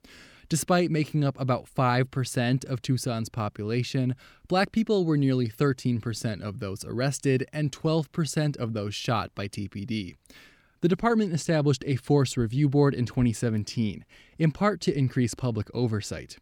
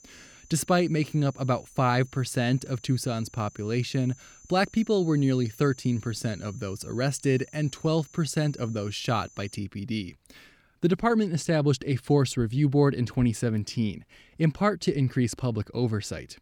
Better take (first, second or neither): first